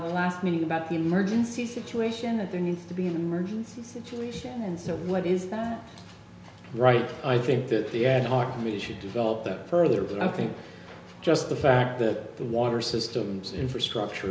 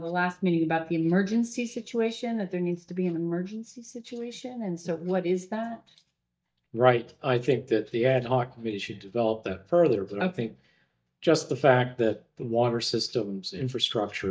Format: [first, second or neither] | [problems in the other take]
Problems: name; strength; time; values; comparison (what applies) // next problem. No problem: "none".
first | noise reduction (neural mask model DeepFilterNet 3)